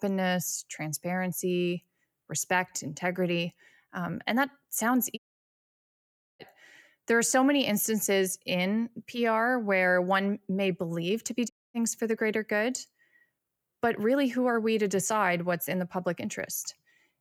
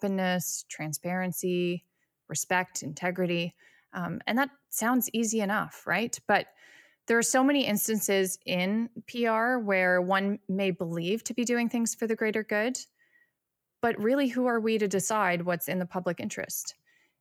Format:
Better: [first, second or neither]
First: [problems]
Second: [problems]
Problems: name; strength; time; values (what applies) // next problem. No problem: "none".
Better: second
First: audio cutting out; at 5 s for 1 s and at 12 s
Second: none